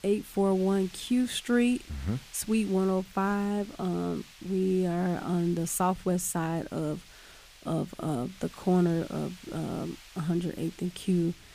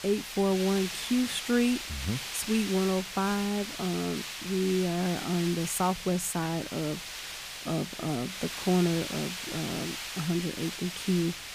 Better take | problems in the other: first | hiss; loud; throughout; 6 dB below the speech; faint in the first

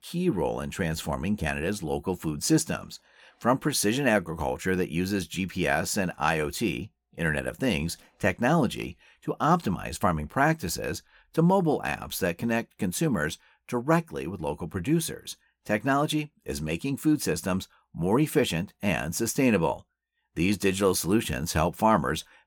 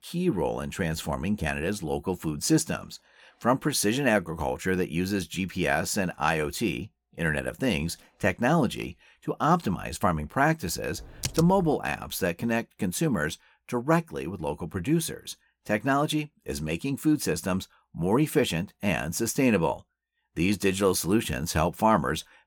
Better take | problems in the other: first | keyboard typing; noticeable; at 11 s; peak 6 dB below the speech

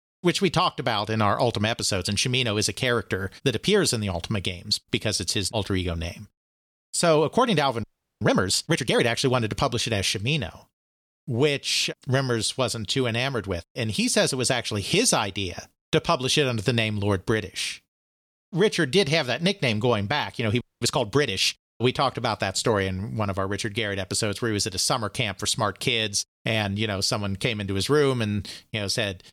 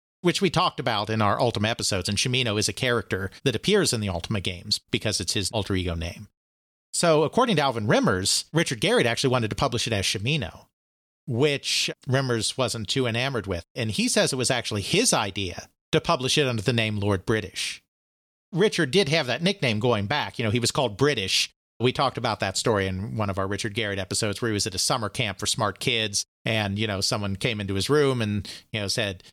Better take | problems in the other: second | audio freezing; at 8 s and at 21 s

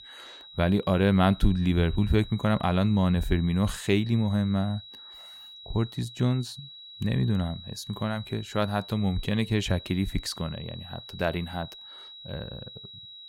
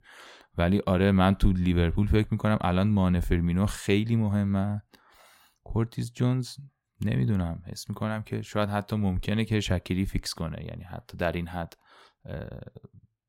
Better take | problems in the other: second | high-pitched whine; noticeable; throughout; 4 kHz, 15 dB below the speech

